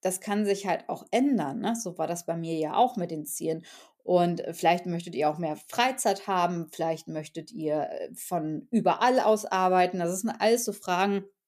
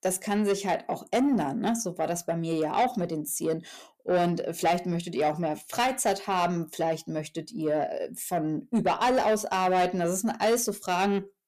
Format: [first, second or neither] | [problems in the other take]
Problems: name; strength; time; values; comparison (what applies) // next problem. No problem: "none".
first | distortion; slight; 10 dB below the speech